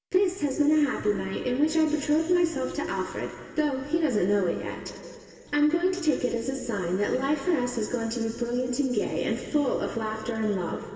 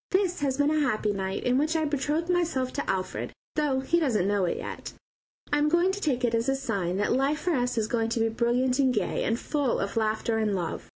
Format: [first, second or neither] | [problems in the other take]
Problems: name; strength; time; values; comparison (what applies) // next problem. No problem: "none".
second | room echo; dies away in 2.5 s